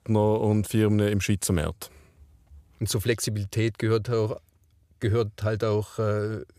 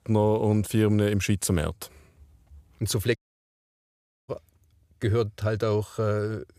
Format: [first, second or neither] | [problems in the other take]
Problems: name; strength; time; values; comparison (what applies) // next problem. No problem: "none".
first | audio cutting out; at 3 s for 1 s